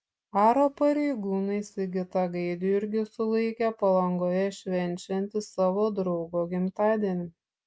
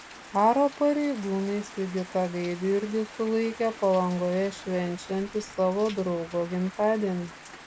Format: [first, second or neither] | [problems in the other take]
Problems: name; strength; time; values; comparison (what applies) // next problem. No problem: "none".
first | background sound (Rain); 17 dB below the speech